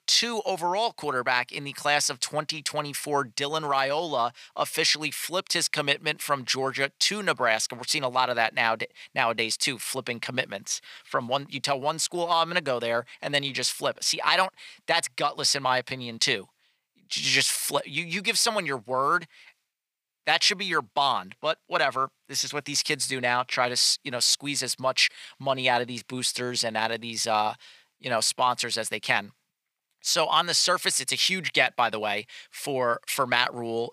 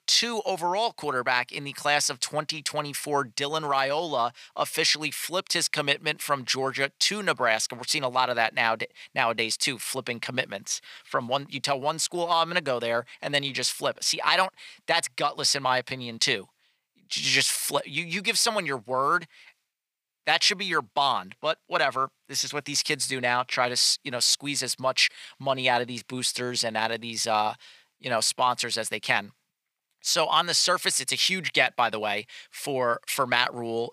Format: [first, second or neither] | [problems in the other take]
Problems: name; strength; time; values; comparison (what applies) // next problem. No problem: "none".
neither | thin; somewhat; fading below 950 Hz; the same in both